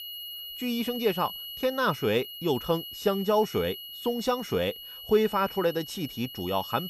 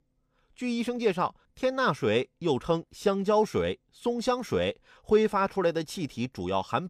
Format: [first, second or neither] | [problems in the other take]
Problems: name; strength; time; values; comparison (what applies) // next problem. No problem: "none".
second | high-pitched whine; loud; throughout; 3 kHz, 10 dB below the speech